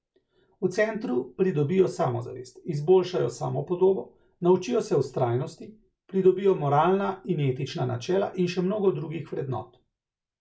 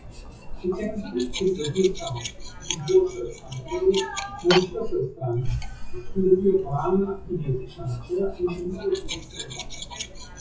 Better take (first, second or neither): first